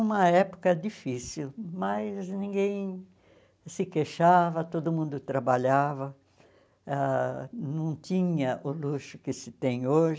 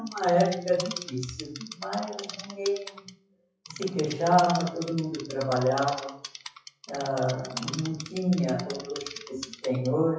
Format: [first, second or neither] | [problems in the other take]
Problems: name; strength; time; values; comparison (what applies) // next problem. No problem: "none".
first | noise reduction (classical method WPE with log-MMSE)